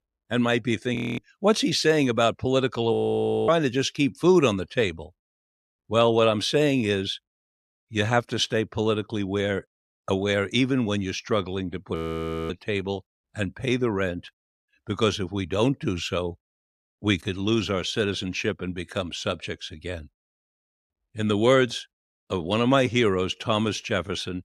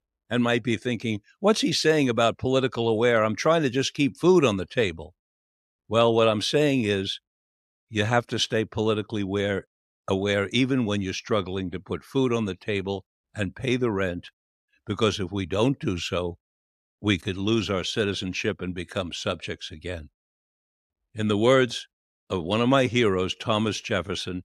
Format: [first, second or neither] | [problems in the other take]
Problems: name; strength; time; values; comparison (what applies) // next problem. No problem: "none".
second | audio freezing; at 1 s, at 3 s for 0.5 s and at 12 s for 0.5 s